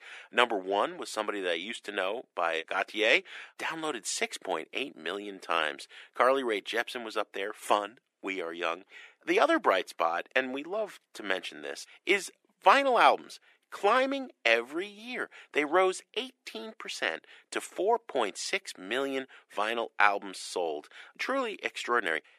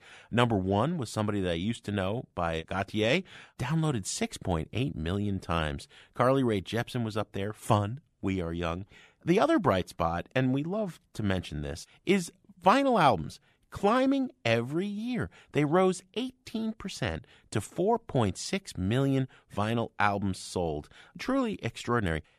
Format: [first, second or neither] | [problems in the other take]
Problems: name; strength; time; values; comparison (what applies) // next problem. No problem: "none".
second | thin; very; fading below 350 Hz